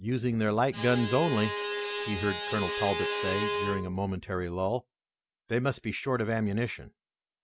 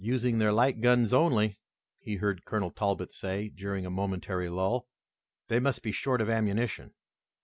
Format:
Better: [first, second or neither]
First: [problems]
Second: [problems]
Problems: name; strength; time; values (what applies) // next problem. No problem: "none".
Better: second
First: background sound (Bowed string instrument); 3 dB below the speech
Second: none